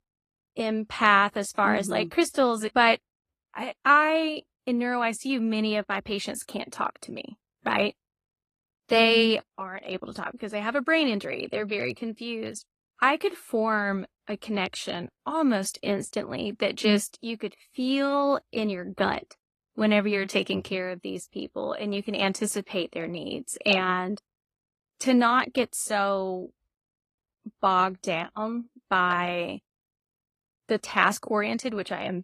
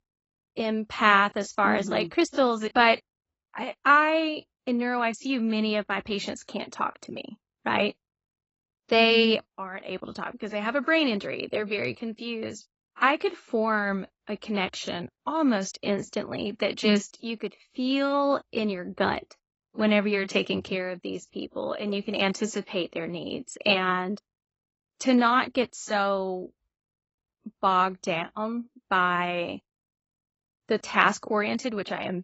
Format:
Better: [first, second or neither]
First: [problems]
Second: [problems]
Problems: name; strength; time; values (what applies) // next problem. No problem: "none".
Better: first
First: garbled, watery; slightly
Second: garbled, watery; badly; nothing above 8 kHz